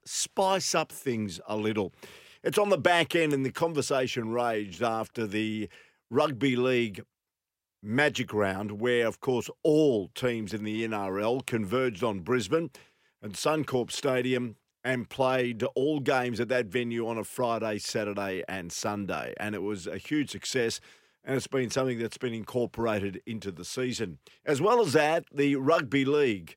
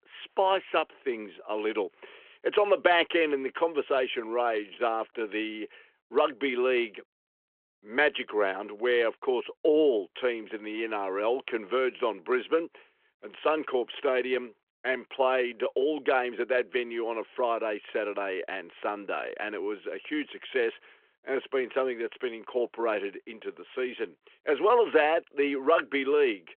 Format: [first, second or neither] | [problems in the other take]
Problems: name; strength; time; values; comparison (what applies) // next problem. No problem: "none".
first | phone-call audio